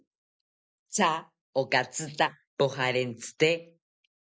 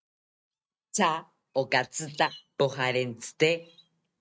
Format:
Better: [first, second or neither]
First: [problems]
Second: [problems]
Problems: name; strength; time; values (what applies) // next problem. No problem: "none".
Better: first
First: none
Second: noise reduction (neural mask model RNNoise)